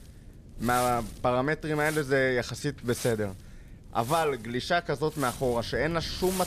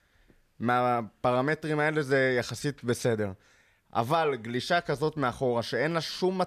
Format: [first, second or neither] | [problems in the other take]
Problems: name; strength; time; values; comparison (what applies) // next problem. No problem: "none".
second | wind noise on the microphone; occasional gusts; 15 dB below the speech